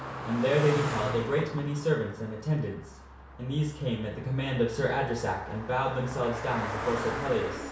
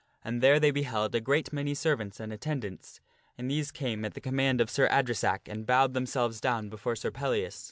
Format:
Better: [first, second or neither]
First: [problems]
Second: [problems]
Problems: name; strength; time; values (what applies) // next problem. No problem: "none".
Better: second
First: background sound (Car passing by); 8 dB below the speech // room echo; dies away in 0.6 s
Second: none